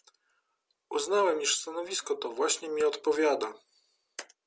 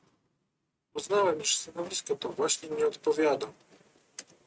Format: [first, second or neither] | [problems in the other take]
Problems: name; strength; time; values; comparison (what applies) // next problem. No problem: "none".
first | noise reduction (neural mask model RNNoise)